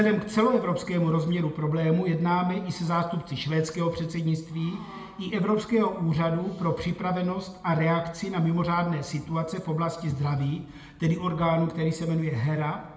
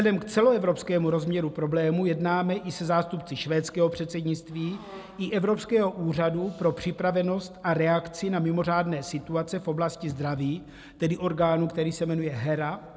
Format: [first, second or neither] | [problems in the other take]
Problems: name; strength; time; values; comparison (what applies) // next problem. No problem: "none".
second | room echo; dies away in 0.9 s